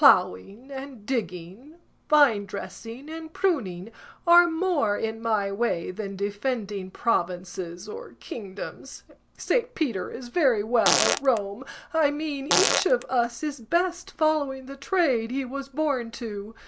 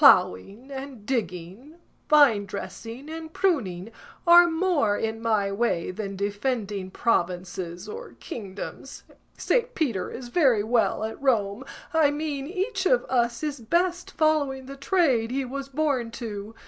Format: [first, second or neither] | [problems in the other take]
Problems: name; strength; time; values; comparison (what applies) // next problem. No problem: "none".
second | background sound (Fart); as loud as the speech